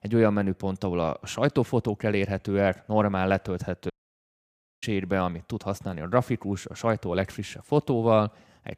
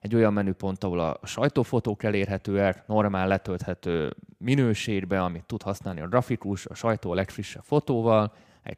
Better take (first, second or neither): second